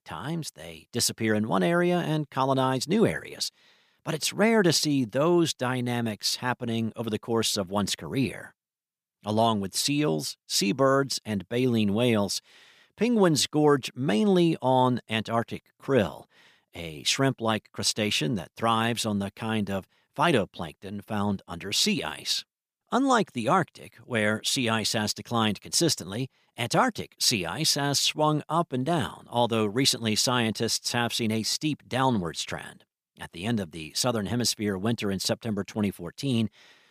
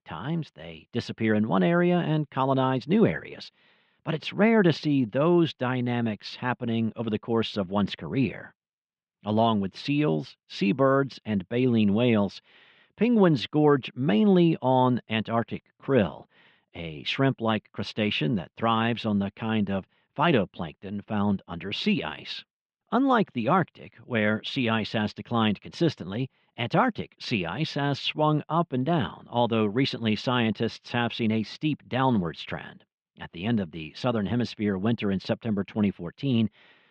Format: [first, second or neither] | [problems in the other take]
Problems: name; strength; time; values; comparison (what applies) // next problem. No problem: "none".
first | muffled; very; fading above 3 kHz